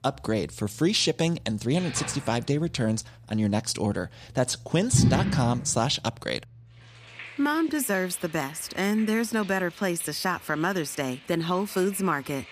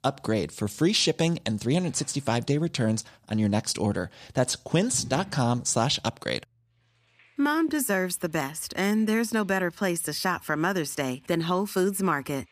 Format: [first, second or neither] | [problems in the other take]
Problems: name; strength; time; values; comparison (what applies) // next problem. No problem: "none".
second | rain or running water; loud; throughout; 5 dB below the speech; faint in the second